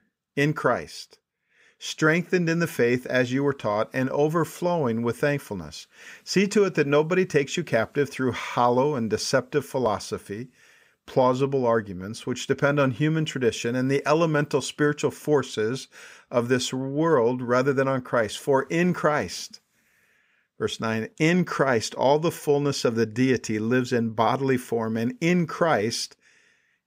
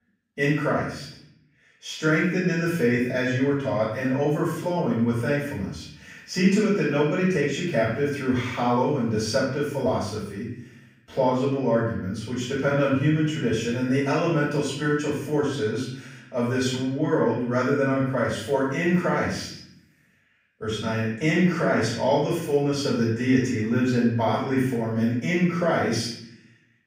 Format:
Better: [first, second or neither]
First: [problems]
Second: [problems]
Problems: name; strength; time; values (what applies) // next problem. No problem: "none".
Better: first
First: none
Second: off-mic speech; far // room echo; noticeable; dies away in 0.7 s